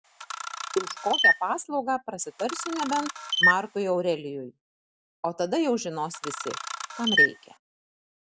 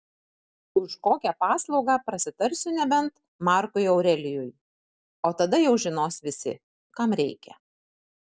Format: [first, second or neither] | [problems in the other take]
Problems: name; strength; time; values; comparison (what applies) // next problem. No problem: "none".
second | background sound (Camera); 3 dB above the speech